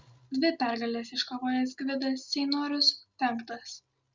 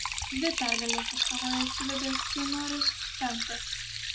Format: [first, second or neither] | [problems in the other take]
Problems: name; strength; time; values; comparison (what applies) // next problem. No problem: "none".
first | background sound (Liquid); 2 dB above the speech